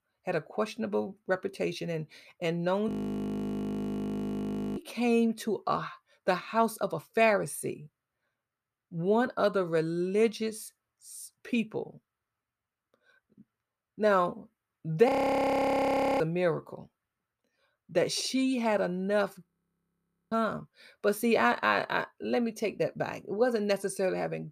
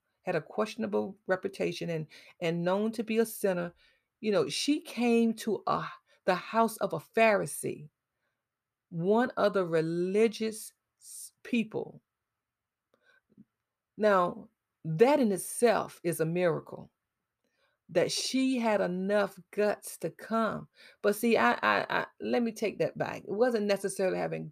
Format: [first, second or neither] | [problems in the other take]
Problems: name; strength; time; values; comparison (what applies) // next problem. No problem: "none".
second | audio freezing; at 3 s for 2 s, at 15 s for 1 s and at 19 s for 1 s